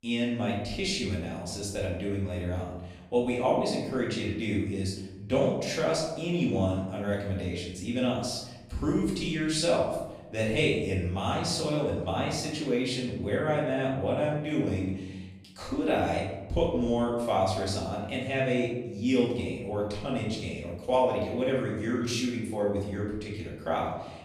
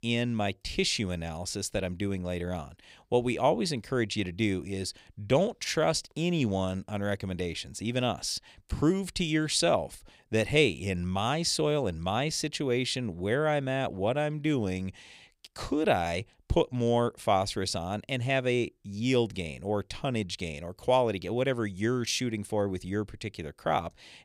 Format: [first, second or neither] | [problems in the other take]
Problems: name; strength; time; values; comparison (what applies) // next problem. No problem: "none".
second | room echo; noticeable; dies away in 1 s // off-mic speech; far